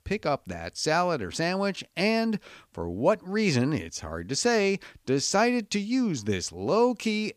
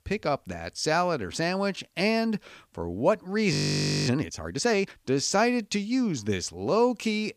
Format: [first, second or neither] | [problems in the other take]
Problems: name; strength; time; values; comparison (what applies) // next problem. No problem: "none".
first | audio freezing; at 3.5 s for 0.5 s